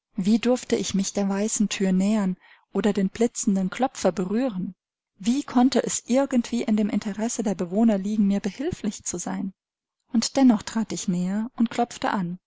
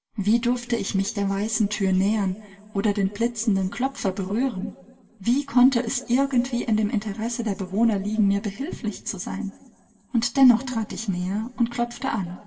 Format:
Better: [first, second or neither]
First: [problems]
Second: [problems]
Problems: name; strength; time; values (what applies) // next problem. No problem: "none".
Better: first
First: none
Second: room echo; dies away in 2 s